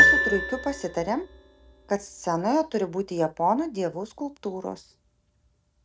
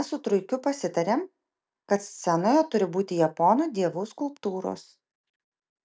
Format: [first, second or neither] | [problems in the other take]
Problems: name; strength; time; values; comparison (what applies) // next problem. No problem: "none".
second | background sound (Piano); as loud as the speech